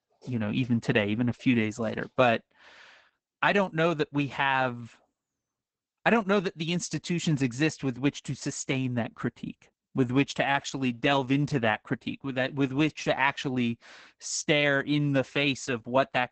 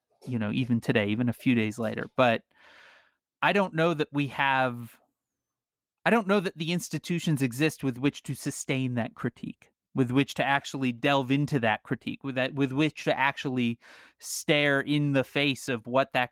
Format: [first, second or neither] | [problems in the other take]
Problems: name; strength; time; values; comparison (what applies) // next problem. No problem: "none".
second | garbled, watery; badly; nothing above 8 kHz; slightly in the second